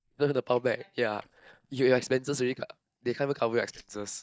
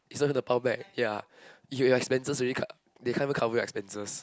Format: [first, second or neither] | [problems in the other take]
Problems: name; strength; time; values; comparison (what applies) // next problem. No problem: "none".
second | noise reduction (neural mask model DeepFilterNet 3)